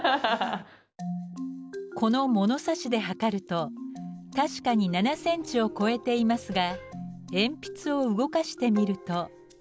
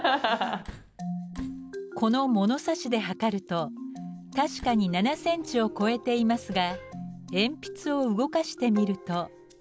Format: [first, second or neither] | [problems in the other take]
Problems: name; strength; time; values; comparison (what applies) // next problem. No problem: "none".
first | background sound (Slam); 17 dB below the speech